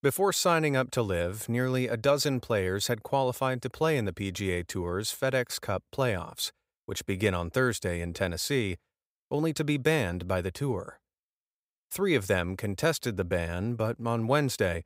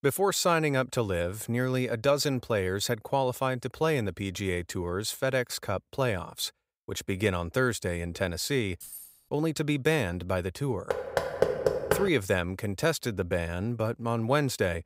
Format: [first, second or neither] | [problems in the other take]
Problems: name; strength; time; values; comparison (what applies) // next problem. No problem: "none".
first | jangling keys; faint; at 9 s; peak 15 dB below the speech // door banging; loud; from 11 to 12 s; peak 2 dB above the speech